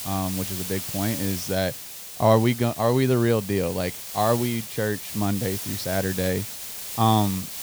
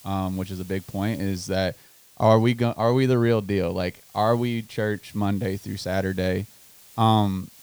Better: second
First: hiss; loud; throughout; 7 dB below the speech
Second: hiss; faint; throughout; 25 dB below the speech

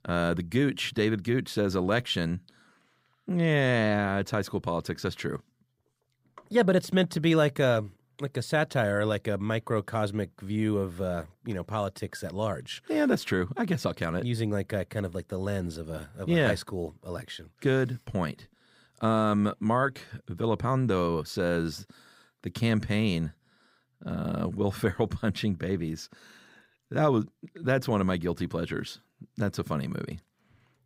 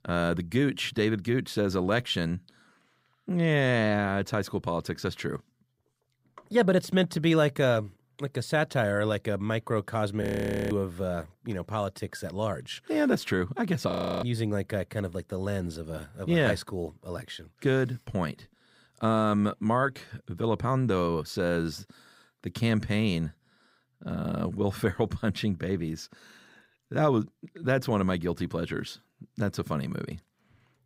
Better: first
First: none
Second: audio freezing; at 10 s and at 14 s

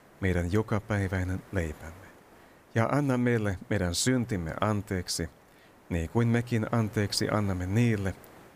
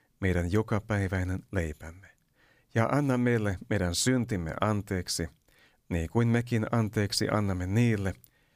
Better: second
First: hiss; faint; throughout; 25 dB below the speech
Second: none

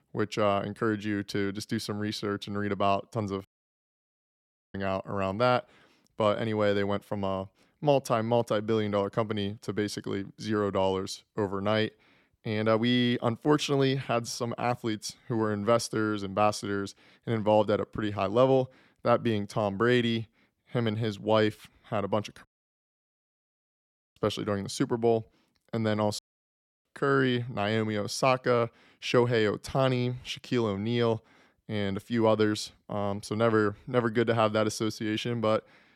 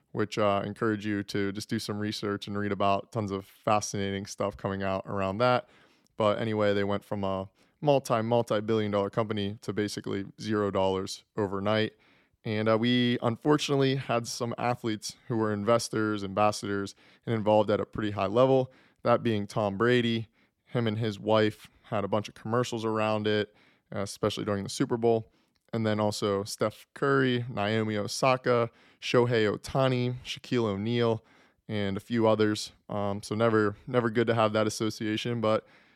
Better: second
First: audio cutting out; at 3.5 s for 1.5 s, at 22 s for 1.5 s and at 26 s for 0.5 s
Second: none

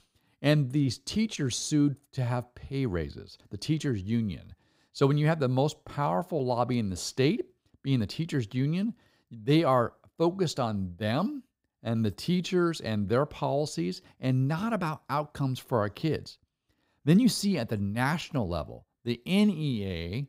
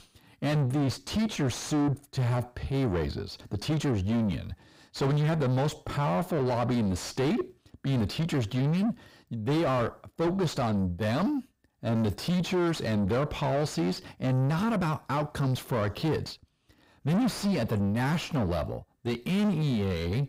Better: first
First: none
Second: distortion; heavy; 5 dB below the speech

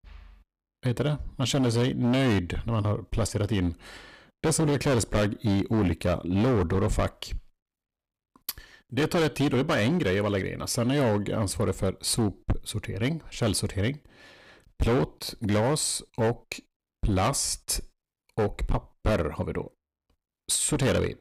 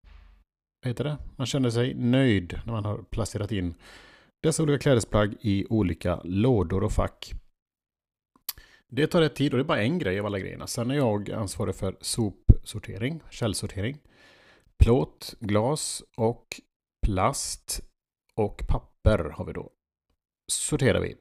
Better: second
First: distortion; heavy; 12% of the sound clipped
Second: none

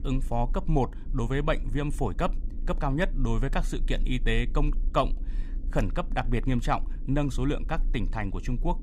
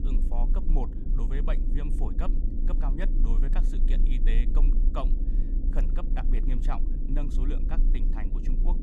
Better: first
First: low rumble; faint; throughout; 20 dB below the speech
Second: low rumble; loud; throughout; 5 dB below the speech

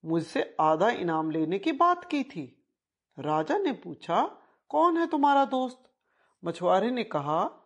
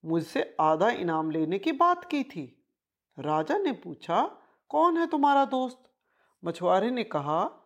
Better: second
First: garbled, watery; slightly; nothing above 10.5 kHz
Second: none

